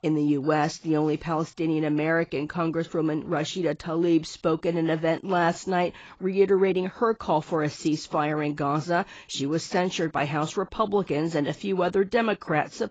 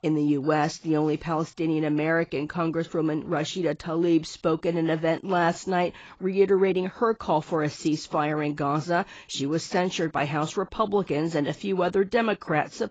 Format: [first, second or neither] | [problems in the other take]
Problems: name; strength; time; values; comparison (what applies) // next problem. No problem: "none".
neither | garbled, watery; badly; nothing above 7.5 kHz; the same in both